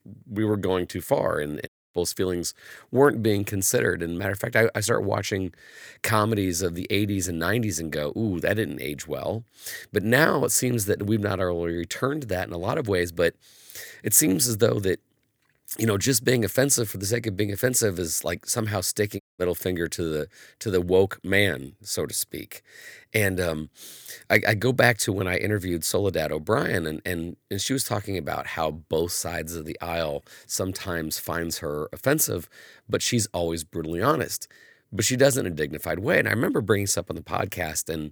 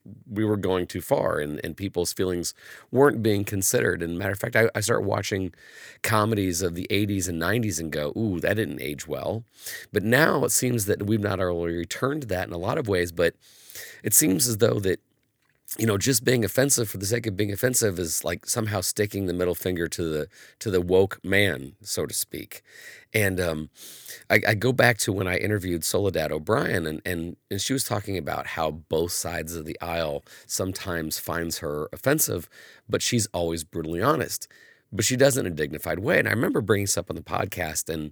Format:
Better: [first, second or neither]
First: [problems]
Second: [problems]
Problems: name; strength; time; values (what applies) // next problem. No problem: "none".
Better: second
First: audio cutting out; at 1.5 s and at 19 s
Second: none